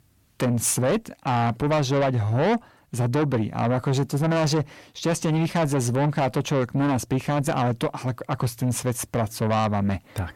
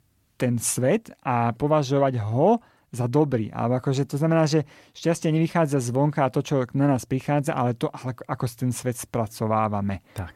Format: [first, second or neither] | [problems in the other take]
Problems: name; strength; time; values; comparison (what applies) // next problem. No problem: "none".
second | distortion; heavy; 8 dB below the speech